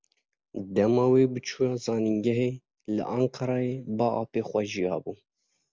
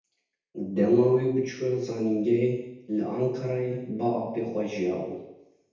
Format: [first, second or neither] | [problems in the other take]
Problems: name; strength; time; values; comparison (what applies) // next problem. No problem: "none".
first | room echo; dies away in 0.8 s